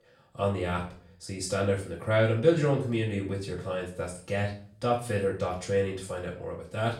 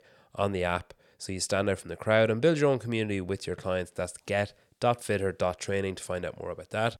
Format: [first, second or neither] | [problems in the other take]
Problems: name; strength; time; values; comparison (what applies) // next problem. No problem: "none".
second | off-mic speech; far // room echo; slight; dies away in 0.4 s